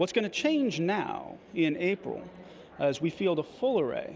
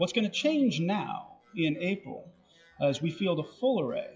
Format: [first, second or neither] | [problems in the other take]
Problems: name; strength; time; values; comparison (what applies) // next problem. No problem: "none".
first | noise reduction (classical method WPE with log-MMSE)